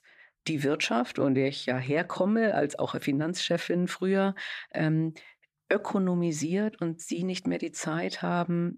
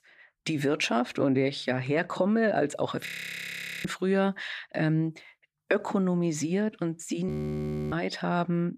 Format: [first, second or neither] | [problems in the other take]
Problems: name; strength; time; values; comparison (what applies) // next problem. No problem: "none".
first | audio freezing; at 3 s for 1 s and at 7.5 s for 0.5 s